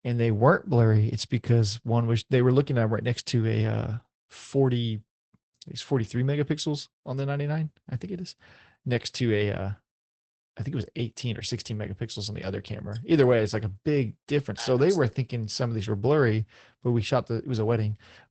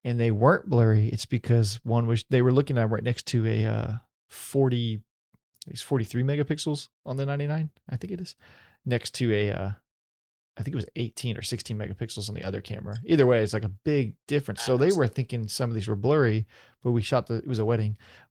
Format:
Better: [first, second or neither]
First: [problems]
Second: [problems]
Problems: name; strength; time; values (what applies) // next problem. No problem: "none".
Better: second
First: garbled, watery; badly; nothing above 8 kHz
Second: garbled, watery; slightly